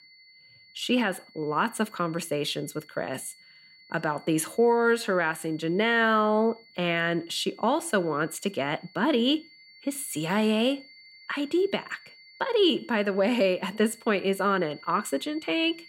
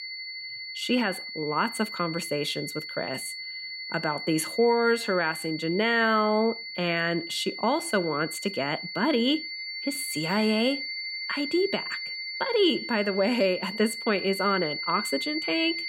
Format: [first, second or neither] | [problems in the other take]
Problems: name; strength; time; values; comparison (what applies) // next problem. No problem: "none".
first | high-pitched whine; loud; throughout; 2 kHz, 6 dB below the speech; faint in the first